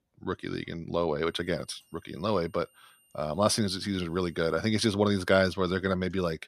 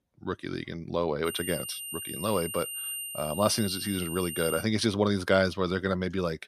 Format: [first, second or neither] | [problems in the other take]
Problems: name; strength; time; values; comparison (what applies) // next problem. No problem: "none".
first | high-pitched whine; loud; from 1.5 to 4.5 s; 9 kHz, 6 dB below the speech; faint in the first